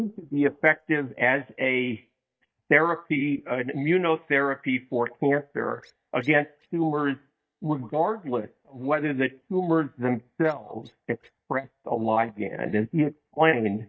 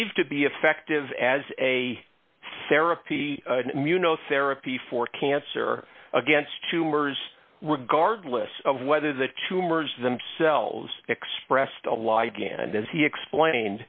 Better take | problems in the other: second | noise reduction (neural mask model DeepFilterNet 3)

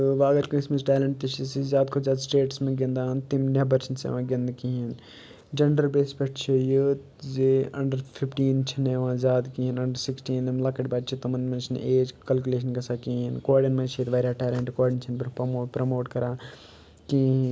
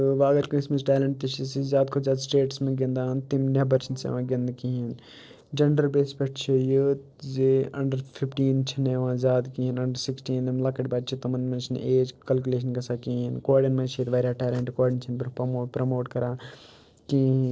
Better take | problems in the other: first | noise reduction (neural separator model SepFormer DNS4)

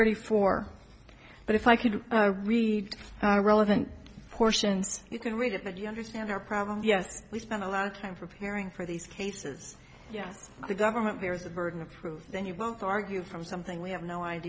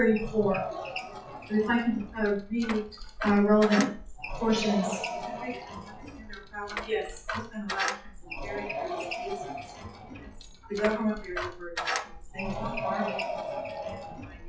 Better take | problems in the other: first | noise reduction (classical method WPE with log-MMSE)

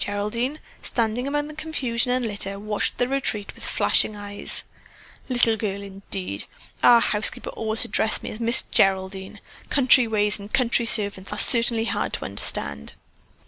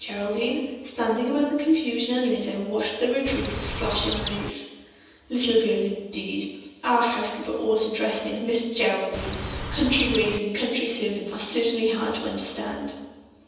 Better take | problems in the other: first | background sound (Chirp, tweet); 5 dB below the speech // room echo; dies away in 1.1 s

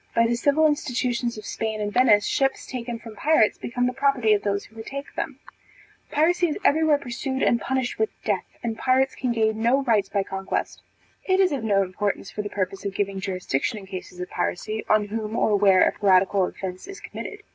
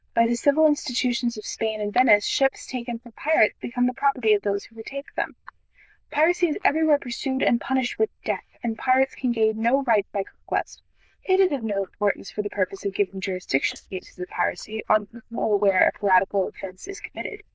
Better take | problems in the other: first | noise reduction (neural diffusion model UNIVERSE++)

